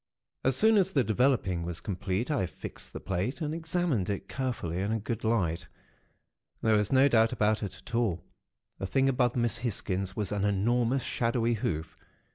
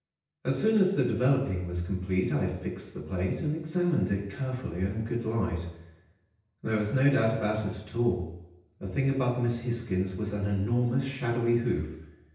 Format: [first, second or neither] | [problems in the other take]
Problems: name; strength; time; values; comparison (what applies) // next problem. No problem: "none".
first | room echo; dies away in 0.9 s